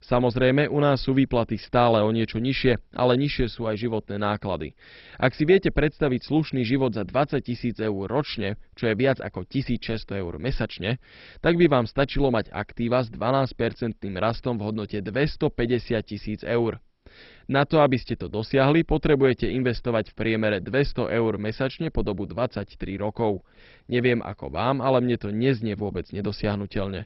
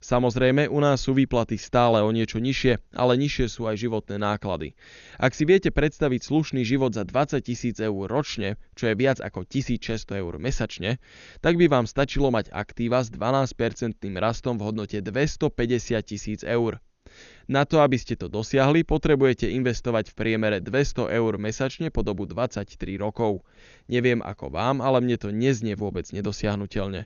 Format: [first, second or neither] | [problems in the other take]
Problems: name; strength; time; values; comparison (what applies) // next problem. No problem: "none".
second | garbled, watery; badly; nothing above 5.5 kHz; slightly in the second